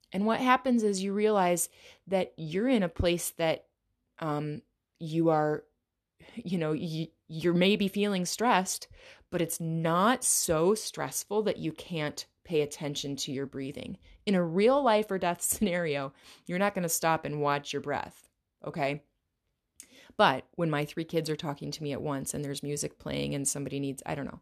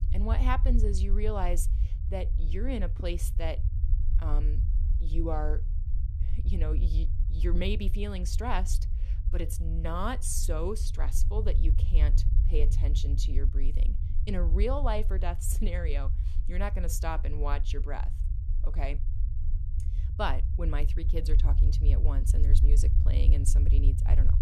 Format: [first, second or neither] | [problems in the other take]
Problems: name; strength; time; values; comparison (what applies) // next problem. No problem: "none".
first | low rumble; noticeable; throughout; 10 dB below the speech